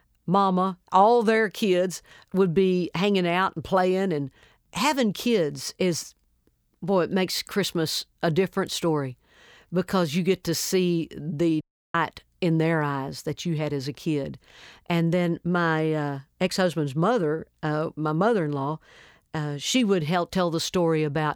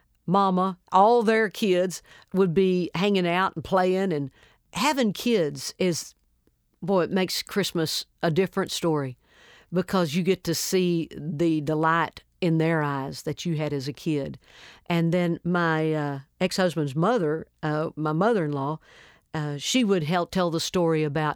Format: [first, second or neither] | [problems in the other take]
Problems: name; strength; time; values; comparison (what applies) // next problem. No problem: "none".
second | audio cutting out; at 12 s